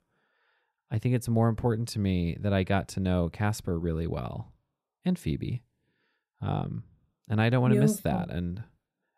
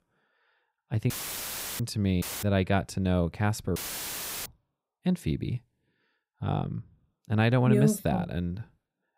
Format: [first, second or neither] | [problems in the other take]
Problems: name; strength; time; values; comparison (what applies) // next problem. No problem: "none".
first | audio cutting out; filled with static; at 1 s for 0.5 s, at 2 s and at 4 s for 0.5 s